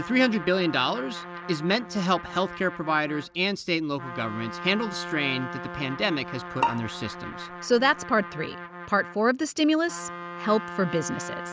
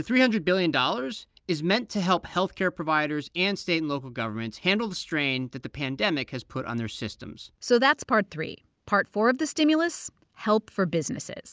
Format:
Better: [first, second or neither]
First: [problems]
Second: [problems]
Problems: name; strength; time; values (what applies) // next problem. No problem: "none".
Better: second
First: background sound (Trumpet + Bowed string instrument); 10 dB below the speech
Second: none